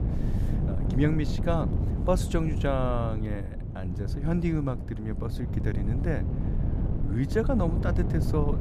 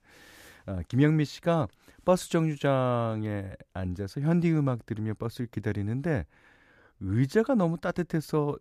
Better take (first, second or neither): second